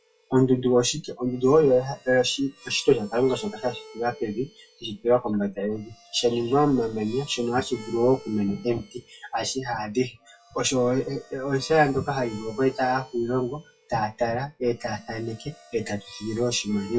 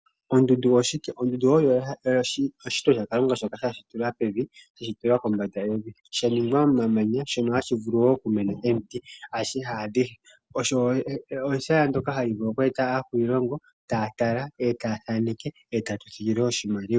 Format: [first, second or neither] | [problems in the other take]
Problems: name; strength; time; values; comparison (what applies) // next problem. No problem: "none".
second | noise reduction (classical method WPE with log-MMSE)